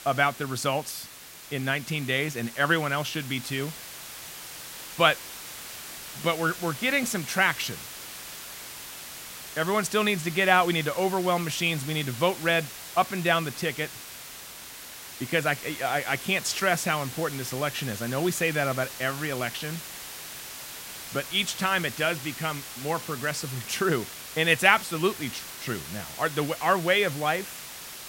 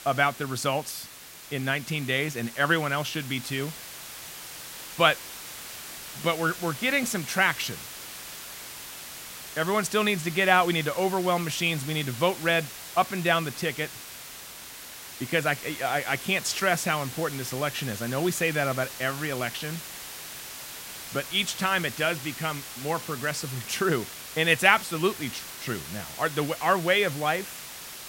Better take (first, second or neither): neither